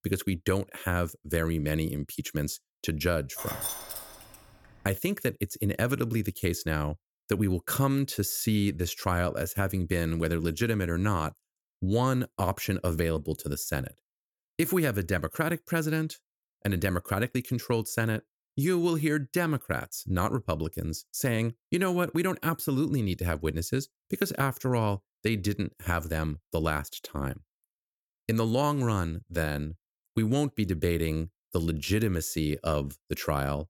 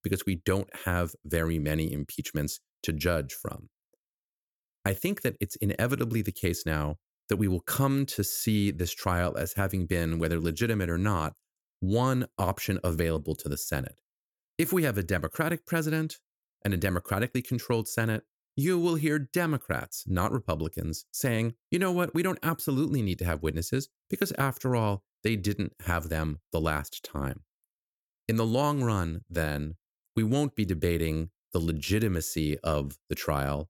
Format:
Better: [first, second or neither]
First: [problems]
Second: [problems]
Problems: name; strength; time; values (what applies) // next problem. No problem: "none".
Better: second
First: jangling keys; noticeable; at 3.5 s; peak 3 dB below the speech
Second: none